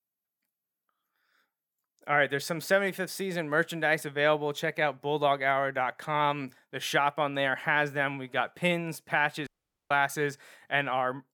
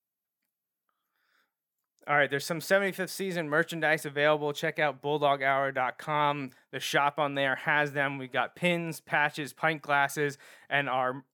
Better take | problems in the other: second | audio cutting out; at 9.5 s

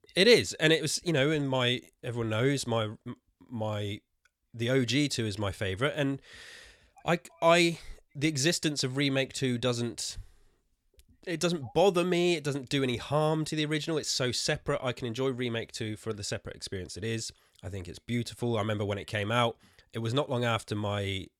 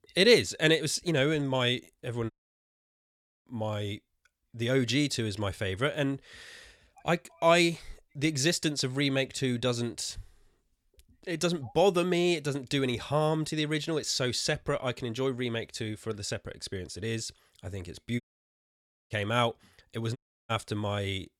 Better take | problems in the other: first | audio cutting out; at 2.5 s for 1 s, at 18 s for 1 s and at 20 s

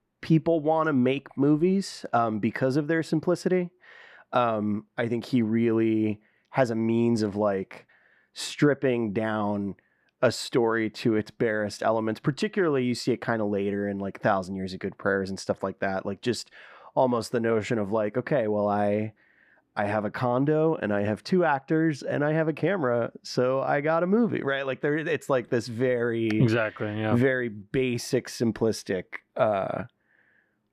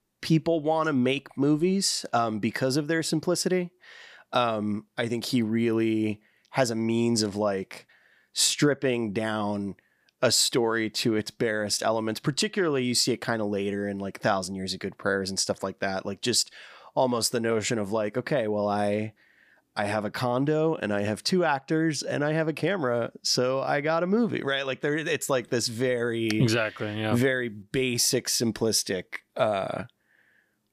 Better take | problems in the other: second | muffled; slightly; fading above 3 kHz

